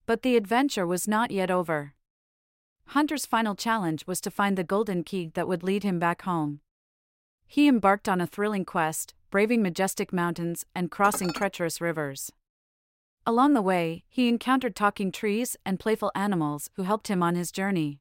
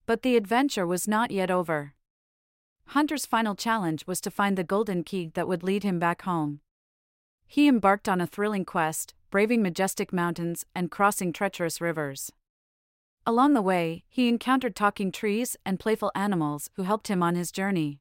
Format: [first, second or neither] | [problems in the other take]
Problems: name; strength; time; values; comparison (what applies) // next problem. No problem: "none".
second | clattering dishes; noticeable; at 11 s; peak 9 dB below the speech